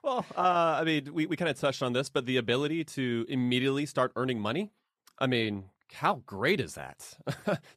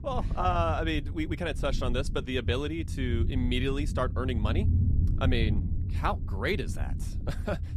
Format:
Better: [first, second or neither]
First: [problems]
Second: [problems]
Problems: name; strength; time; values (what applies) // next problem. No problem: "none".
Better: first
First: none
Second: low rumble; noticeable; throughout; 15 dB below the speech